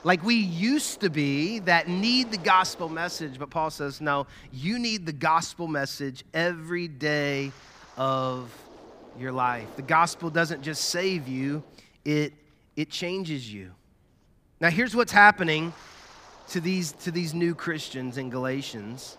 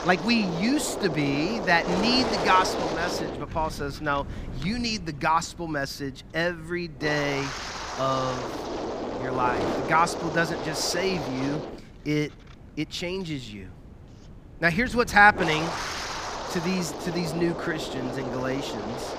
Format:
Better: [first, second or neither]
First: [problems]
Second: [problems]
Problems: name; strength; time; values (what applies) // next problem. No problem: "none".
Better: first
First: wind noise on the microphone; occasional gusts; 25 dB below the speech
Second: wind noise on the microphone; heavy; 6 dB below the speech